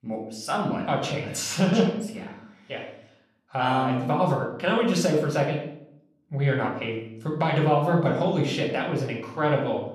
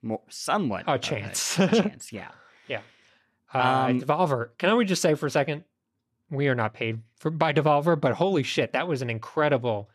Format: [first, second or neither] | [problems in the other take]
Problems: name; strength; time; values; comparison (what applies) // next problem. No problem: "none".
second | room echo; slight; dies away in 0.6 s // off-mic speech; somewhat distant